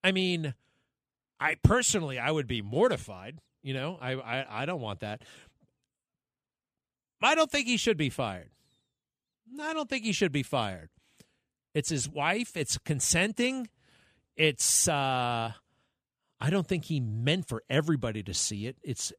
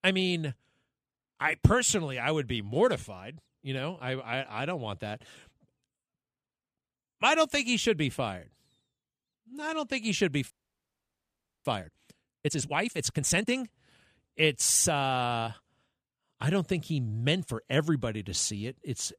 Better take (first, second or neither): first